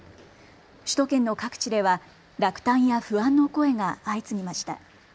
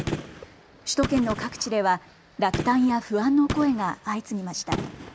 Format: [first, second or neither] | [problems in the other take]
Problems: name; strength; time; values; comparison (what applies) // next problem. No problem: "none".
first | background sound (Gunshot, gunfire); 9 dB below the speech